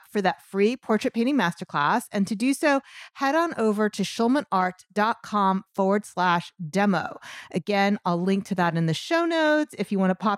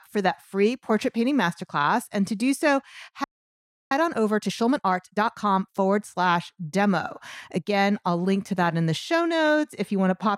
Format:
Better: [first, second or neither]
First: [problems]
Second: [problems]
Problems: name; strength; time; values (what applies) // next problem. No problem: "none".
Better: first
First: none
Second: audio freezing; at 3 s for 0.5 s